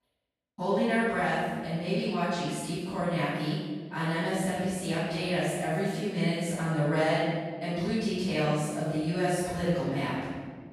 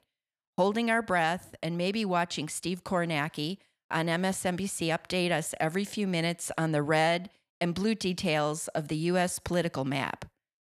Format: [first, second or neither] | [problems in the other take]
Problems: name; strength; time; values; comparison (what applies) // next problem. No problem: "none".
second | off-mic speech; far // room echo; strong; dies away in 1.6 s